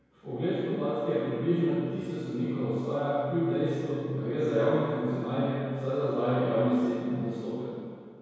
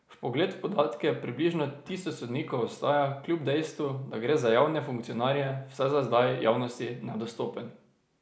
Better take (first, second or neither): second